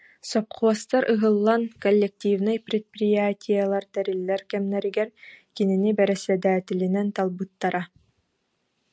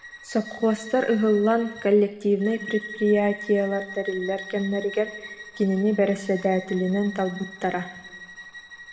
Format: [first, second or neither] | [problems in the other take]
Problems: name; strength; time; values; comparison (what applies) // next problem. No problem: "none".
first | background sound (Bowed string instrument); 15 dB below the speech // room echo; dies away in 1.3 s